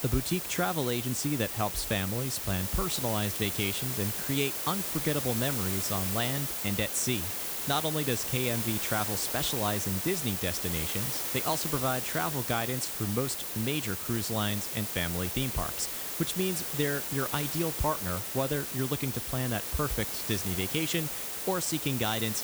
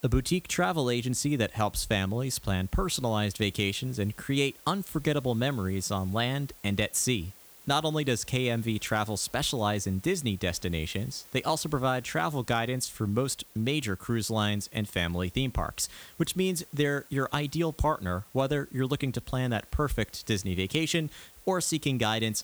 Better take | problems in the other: second | hiss; loud; throughout; as loud as the speech; faint in the second

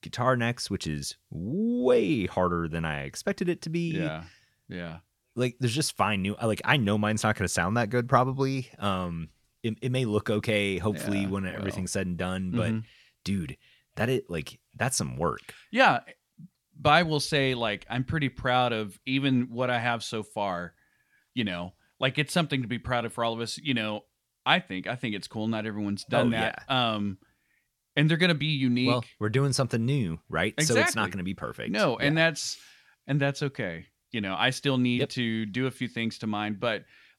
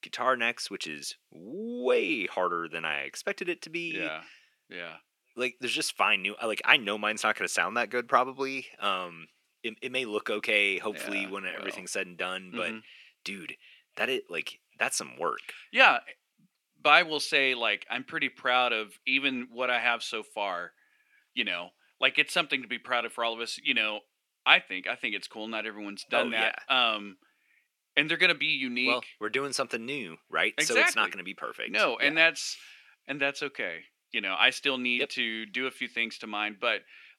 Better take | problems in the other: first | thin; somewhat; fading below 300 Hz

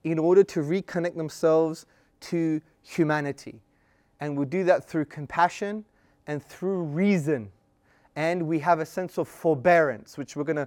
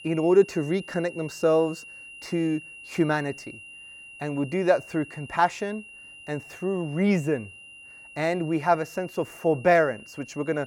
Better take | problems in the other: first | high-pitched whine; noticeable; throughout; 3 kHz, 15 dB below the speech

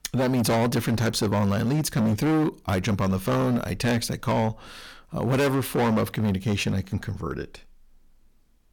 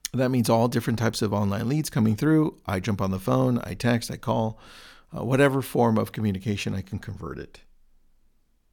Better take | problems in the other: second | distortion; heavy; 16% of the sound clipped

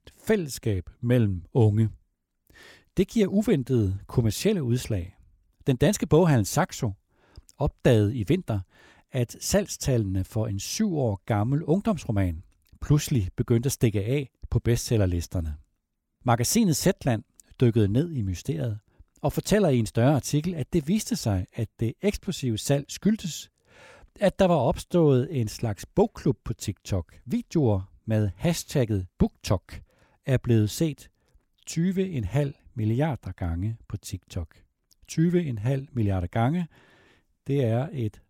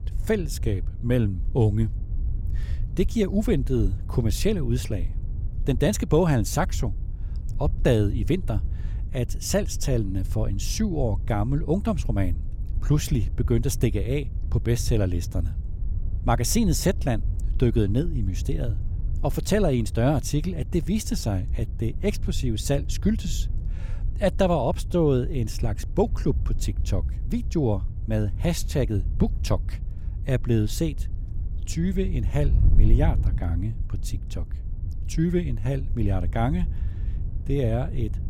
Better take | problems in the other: first | wind noise on the microphone; occasional gusts; 20 dB below the speech

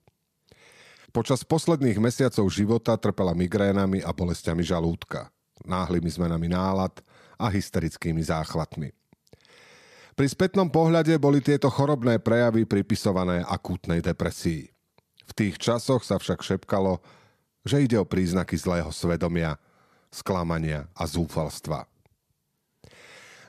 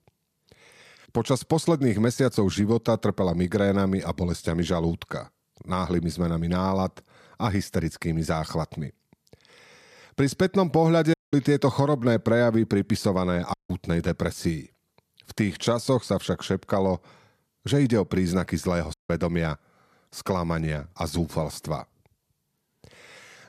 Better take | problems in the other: first | audio cutting out; at 11 s, at 14 s and at 19 s

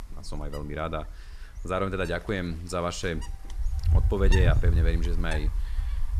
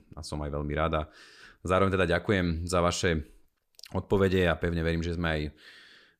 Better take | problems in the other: second | wind noise on the microphone; heavy; 9 dB below the speech

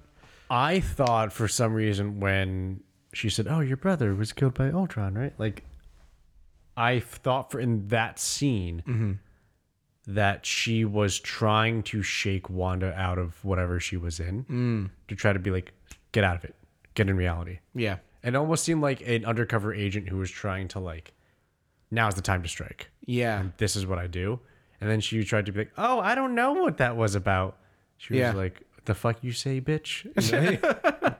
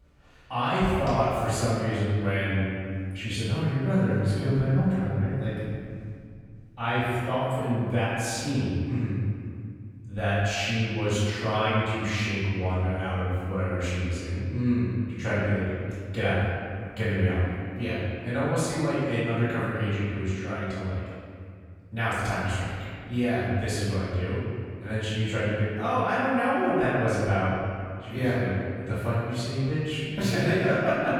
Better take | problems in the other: first | off-mic speech; far // room echo; strong; dies away in 2.1 s

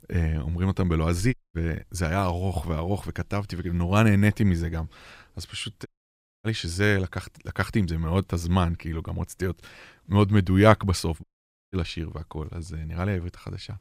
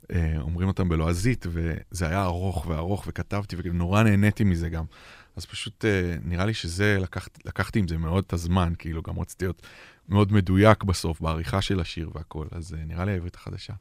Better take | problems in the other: second | audio cutting out; at 1.5 s, at 6 s for 0.5 s and at 11 s

